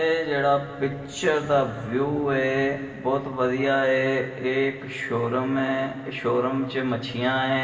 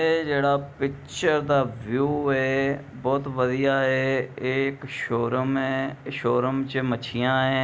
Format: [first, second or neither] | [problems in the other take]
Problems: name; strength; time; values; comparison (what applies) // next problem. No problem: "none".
second | room echo; dies away in 2.3 s